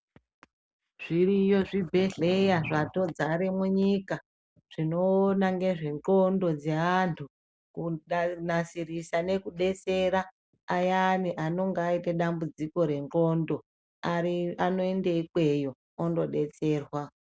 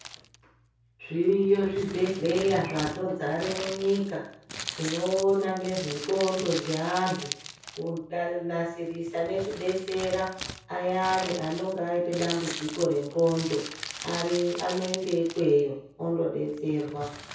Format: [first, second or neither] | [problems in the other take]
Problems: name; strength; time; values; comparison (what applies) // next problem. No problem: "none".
first | background sound (Crumpling, crinkling); 12 dB below the speech // room echo; dies away in 0.6 s